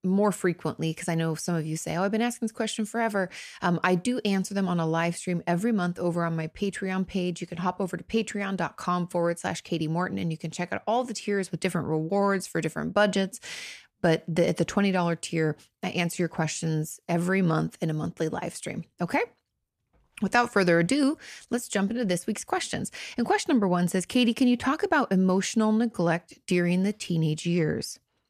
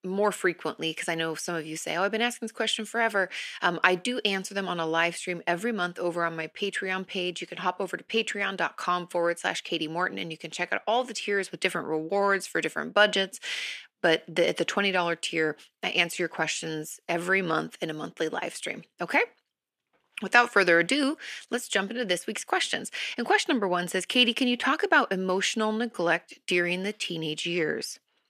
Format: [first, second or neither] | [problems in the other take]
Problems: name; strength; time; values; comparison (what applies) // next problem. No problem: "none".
first | thin; somewhat; fading below 350 Hz